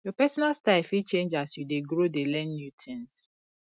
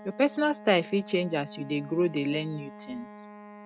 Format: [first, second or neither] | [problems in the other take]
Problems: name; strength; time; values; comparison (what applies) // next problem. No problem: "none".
first | background sound (Wind instrument, woodwind instrument); 16 dB below the speech